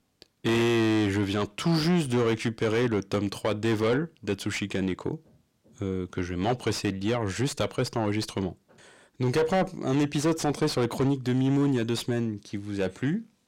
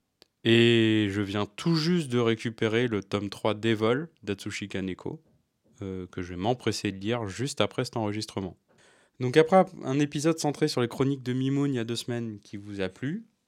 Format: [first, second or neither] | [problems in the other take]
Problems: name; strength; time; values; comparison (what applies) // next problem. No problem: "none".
second | distortion; heavy; 6 dB below the speech